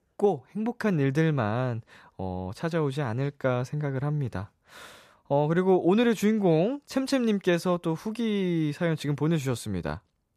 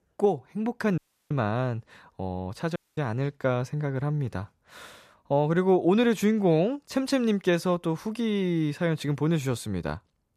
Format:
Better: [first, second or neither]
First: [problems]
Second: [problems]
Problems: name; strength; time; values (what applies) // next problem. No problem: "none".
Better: first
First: none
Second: audio cutting out; at 1 s and at 3 s